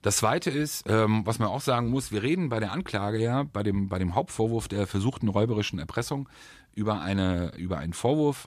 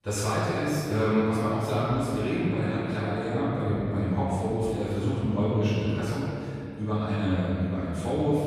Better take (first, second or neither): first